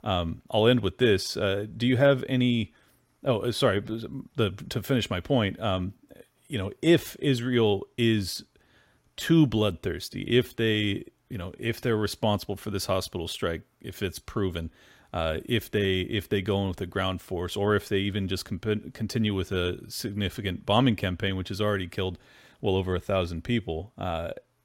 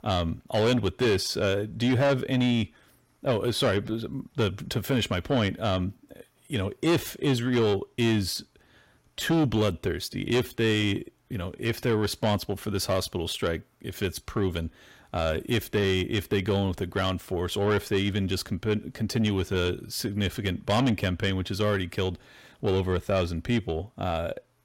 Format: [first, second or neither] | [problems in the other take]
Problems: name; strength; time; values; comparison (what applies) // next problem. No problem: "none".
first | distortion; slight; 10 dB below the speech